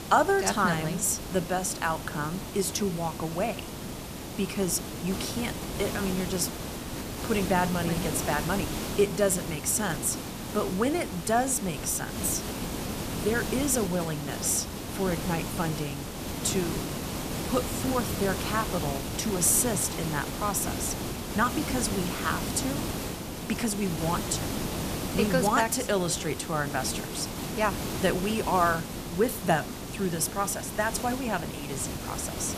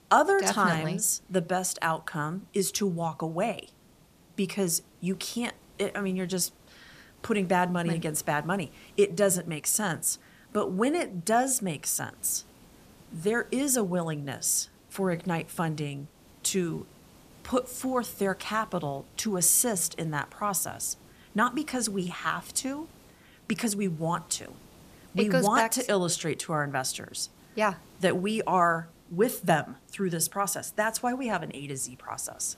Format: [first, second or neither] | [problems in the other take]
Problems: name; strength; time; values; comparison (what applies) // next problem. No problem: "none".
second | hiss; loud; throughout; 5 dB below the speech; faint in the second